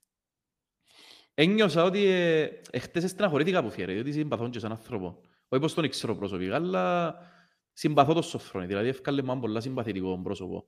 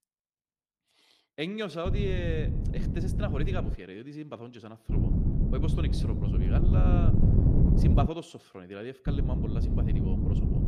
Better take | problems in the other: first | wind noise on the microphone; heavy; from 2 to 3.5 s, from 5 to 8 s and from 9 s on; as loud as the speech

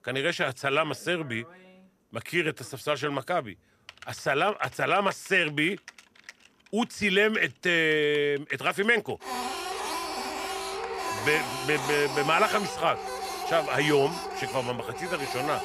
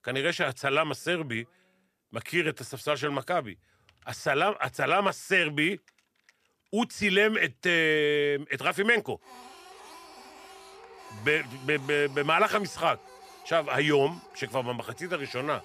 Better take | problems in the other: second | household noises; loud; throughout; 7 dB below the speech; faint in the second

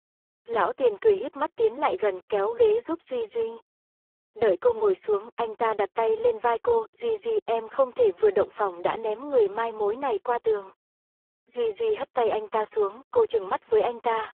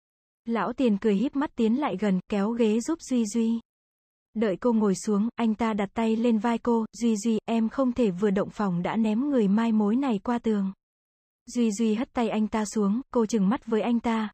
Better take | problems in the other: second | phone-call audio; poor line

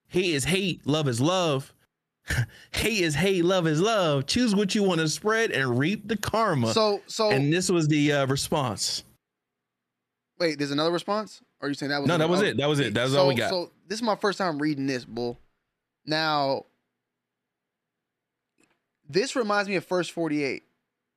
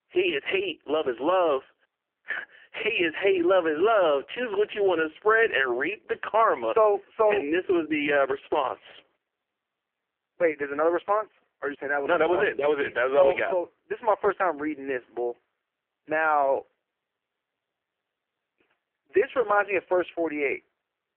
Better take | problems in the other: first | phone-call audio; poor line; nothing above 3 kHz

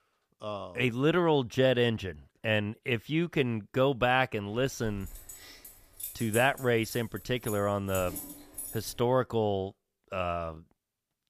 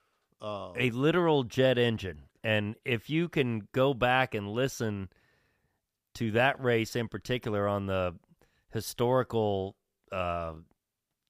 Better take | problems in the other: second | jangling keys; noticeable; from 4.5 to 9 s; peak 9 dB below the speech

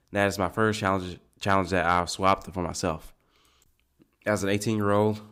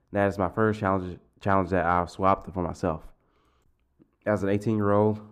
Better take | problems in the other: first | muffled; slightly; fading above 2 kHz

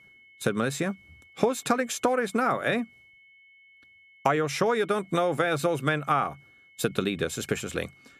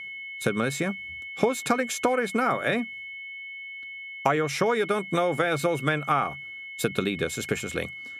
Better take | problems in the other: first | high-pitched whine; loud; throughout; 2 kHz, 10 dB below the speech; faint in the first

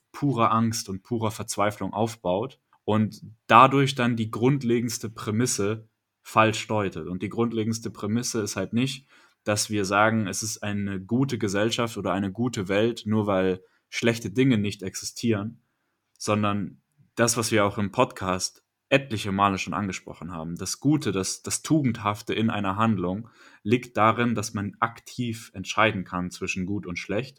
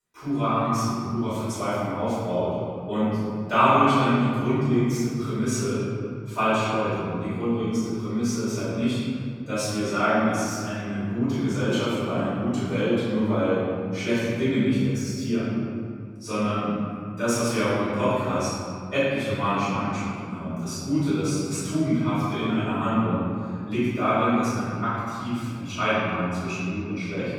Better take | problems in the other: first | off-mic speech; far // room echo; strong; dies away in 2.6 s

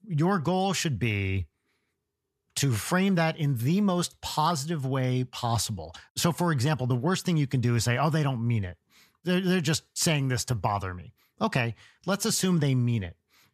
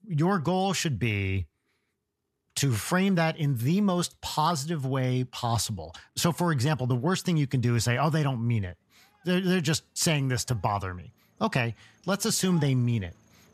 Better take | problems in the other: first | traffic noise; faint; throughout; 30 dB below the speech

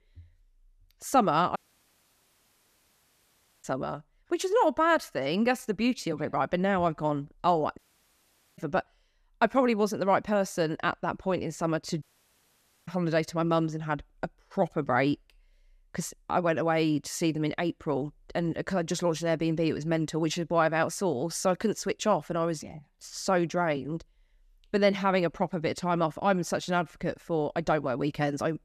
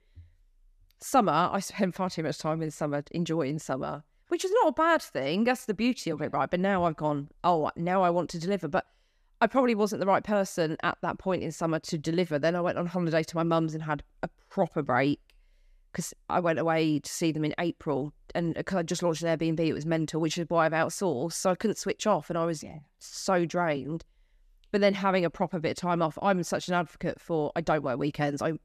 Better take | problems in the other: second | audio cutting out; at 1.5 s for 2 s, at 8 s for 1 s and at 12 s for 1 s

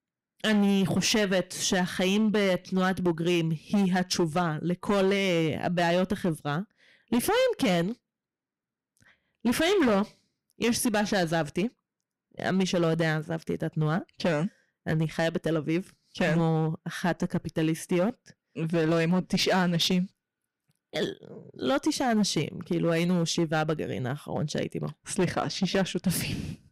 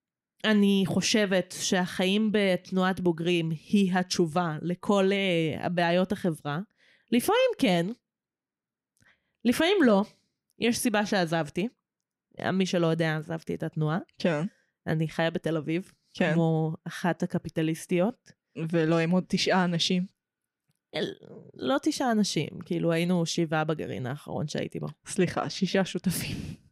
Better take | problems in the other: second | distortion; slight; 8% of the sound clipped

